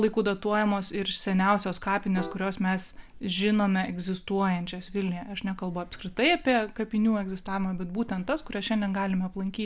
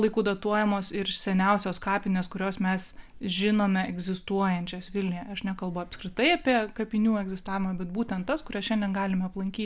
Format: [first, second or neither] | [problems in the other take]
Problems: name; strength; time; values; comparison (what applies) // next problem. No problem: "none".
second | background sound (Piano); 19 dB below the speech